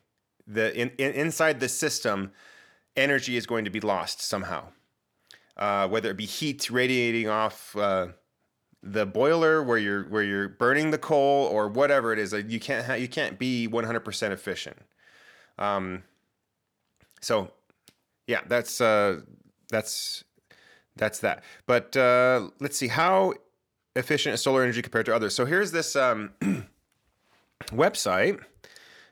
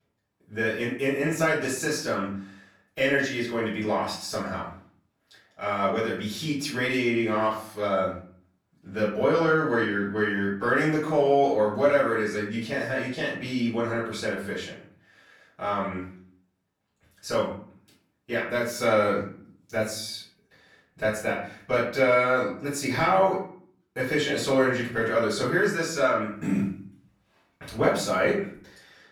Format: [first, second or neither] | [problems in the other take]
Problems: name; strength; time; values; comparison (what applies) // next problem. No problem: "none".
first | off-mic speech; far // room echo; noticeable; dies away in 0.5 s